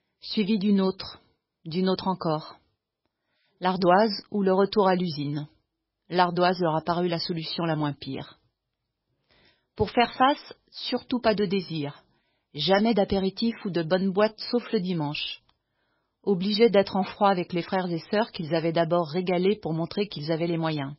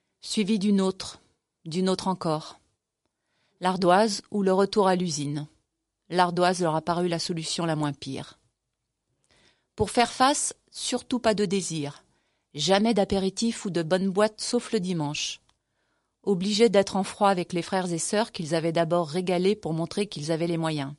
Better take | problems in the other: second | garbled, watery; badly; nothing above 5.5 kHz; slightly in the second

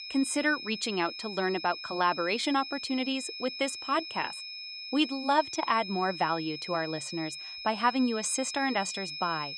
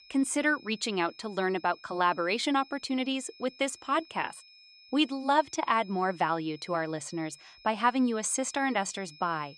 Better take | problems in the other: second | high-pitched whine; loud; throughout; 5 kHz, 8 dB below the speech; faint in the second

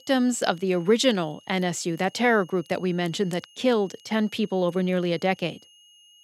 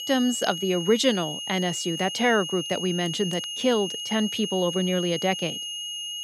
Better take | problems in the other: first | high-pitched whine; loud; throughout; 3 kHz, 5 dB below the speech; faint in the first

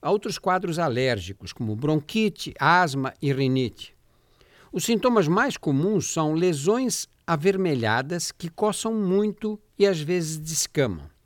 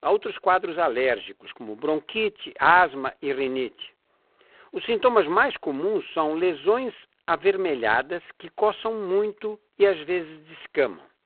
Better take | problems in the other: first | phone-call audio; poor line

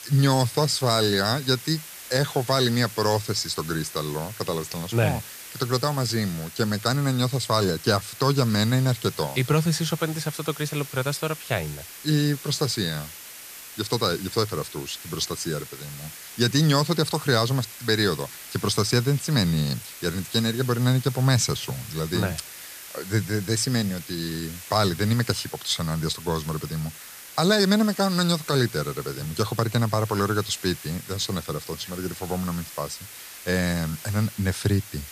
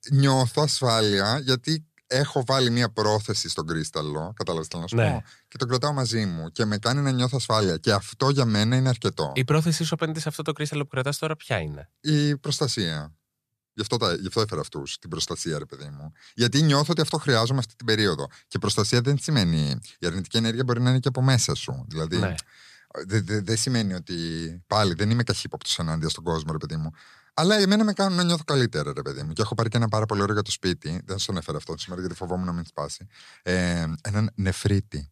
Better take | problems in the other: second | hiss; noticeable; throughout; 15 dB below the speech

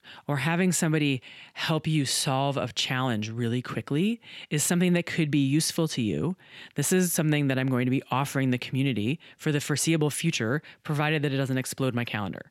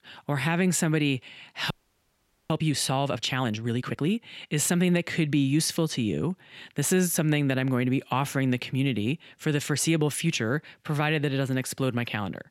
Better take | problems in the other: first | audio freezing; at 1.5 s for 1 s

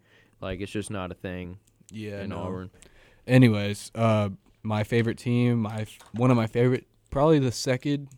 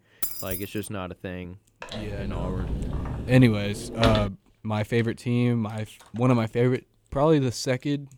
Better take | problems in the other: first | jangling keys; noticeable; at the start; peak 2 dB below the speech // door banging; noticeable; from 2 to 4.5 s; peak 1 dB below the speech

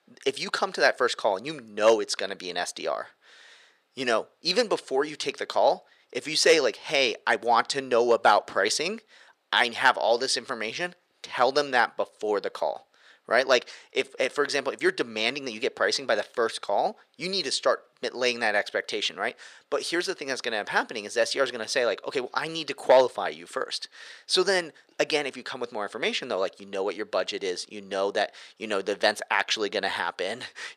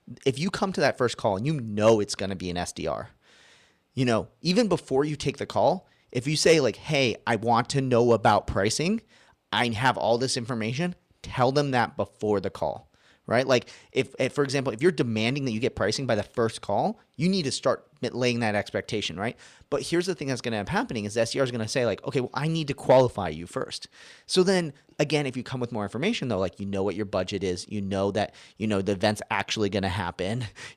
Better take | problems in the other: second | thin; somewhat; fading below 450 Hz

